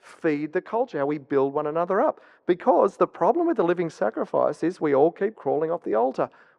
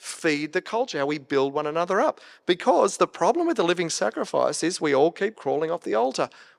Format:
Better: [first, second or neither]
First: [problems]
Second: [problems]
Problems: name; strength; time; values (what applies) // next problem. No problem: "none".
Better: second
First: muffled; very; fading above 2.5 kHz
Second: none